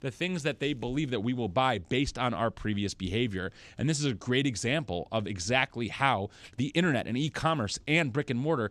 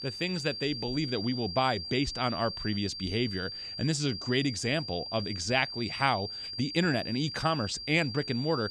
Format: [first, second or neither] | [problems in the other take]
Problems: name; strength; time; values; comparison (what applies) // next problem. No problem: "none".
first | high-pitched whine; loud; throughout; 4.5 kHz, 6 dB below the speech